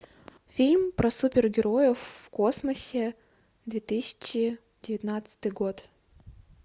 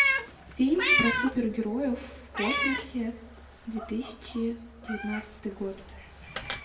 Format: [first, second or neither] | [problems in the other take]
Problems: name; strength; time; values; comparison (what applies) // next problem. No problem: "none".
first | background sound (Meow); as loud as the speech // room echo; dies away in 0.7 s